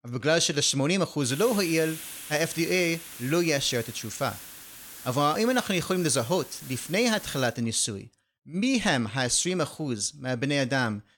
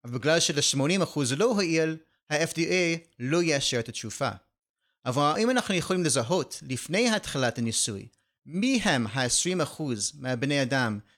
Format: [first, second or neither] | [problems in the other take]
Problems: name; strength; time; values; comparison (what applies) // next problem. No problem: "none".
second | hiss; noticeable; from 1.5 to 7.5 s; 15 dB below the speech